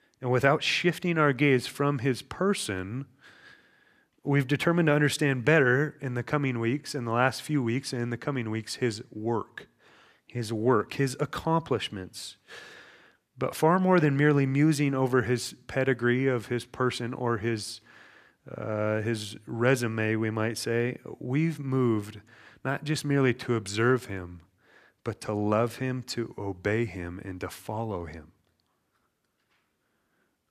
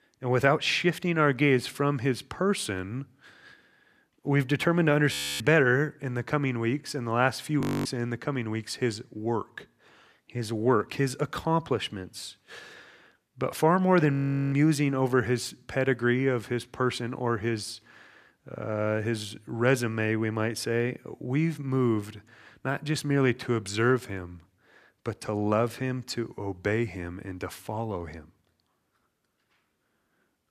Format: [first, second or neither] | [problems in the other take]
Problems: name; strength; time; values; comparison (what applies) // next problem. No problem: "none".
first | audio freezing; at 5 s, at 7.5 s and at 14 s